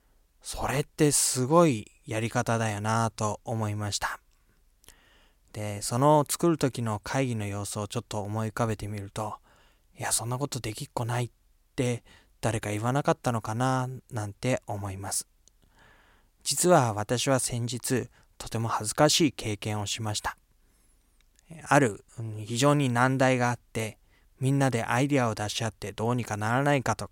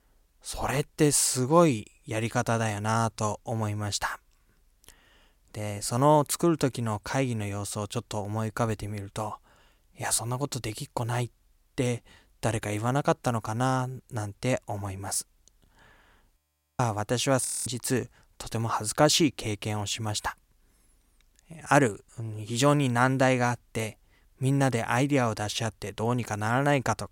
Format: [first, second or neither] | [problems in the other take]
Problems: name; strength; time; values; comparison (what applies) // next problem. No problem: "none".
first | audio freezing; at 16 s and at 17 s